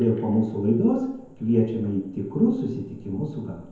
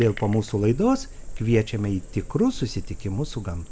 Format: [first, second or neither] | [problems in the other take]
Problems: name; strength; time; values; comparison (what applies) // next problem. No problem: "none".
second | room echo; dies away in 0.9 s